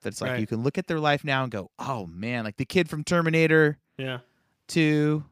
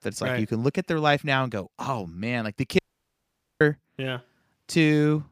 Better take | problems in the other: first | audio cutting out; at 3 s for 1 s

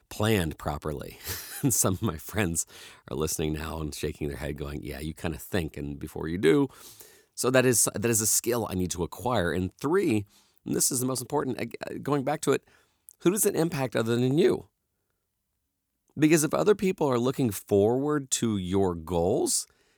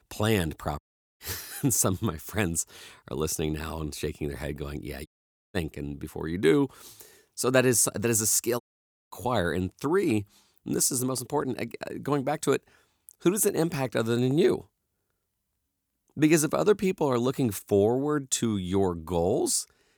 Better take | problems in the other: first | audio cutting out; at 1 s, at 5 s and at 8.5 s for 0.5 s

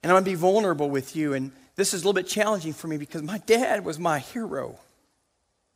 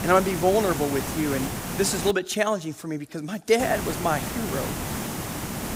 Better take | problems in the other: first | hiss; loud; until 2 s and from 3.5 s on; 5 dB below the speech

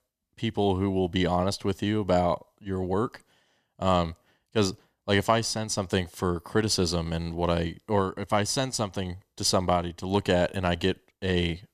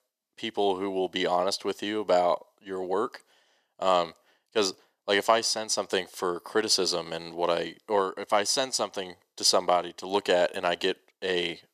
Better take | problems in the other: first | thin; somewhat; fading below 450 Hz

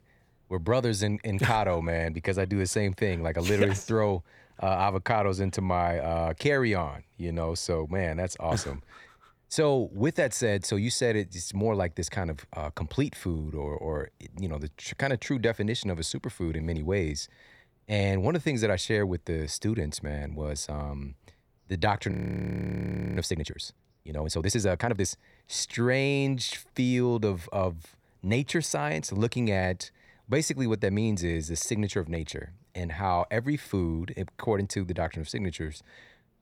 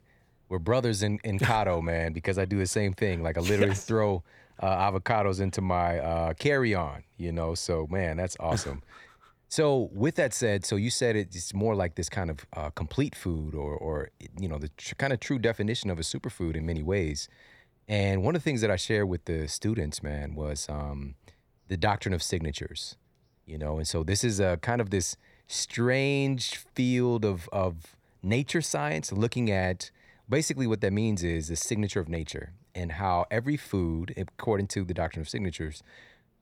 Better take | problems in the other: second | audio freezing; at 22 s for 1 s

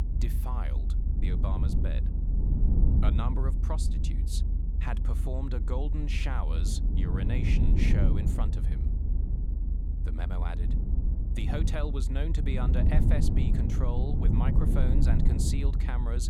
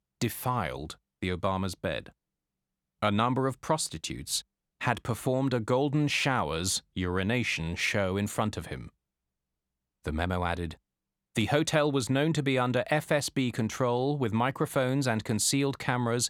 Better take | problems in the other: second | low rumble; loud; throughout; 2 dB below the speech

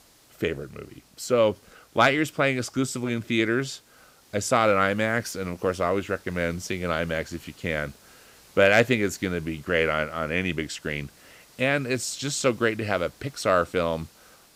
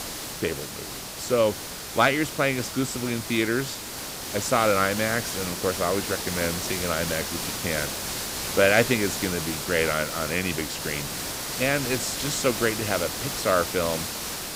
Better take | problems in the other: first | hiss; loud; throughout; 4 dB below the speech; faint in the first

